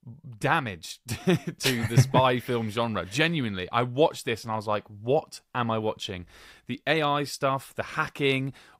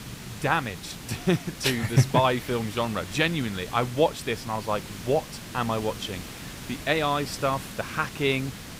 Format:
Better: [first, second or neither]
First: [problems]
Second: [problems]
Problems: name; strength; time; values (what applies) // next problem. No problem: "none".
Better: first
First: none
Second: hiss; noticeable; throughout; 10 dB below the speech